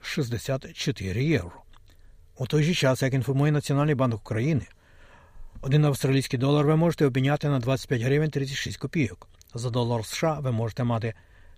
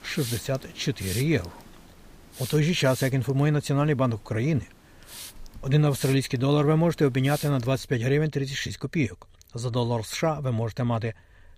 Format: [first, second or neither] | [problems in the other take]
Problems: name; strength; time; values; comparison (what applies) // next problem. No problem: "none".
first | hiss; noticeable; until 8 s; 15 dB below the speech